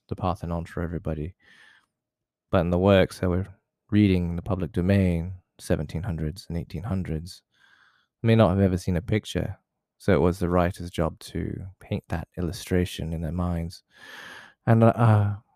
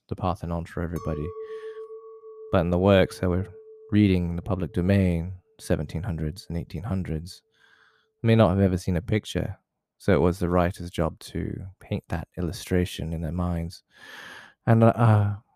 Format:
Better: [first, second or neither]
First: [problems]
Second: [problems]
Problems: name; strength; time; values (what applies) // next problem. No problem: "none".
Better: first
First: none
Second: clattering dishes; faint; from 1 to 5 s; peak 10 dB below the speech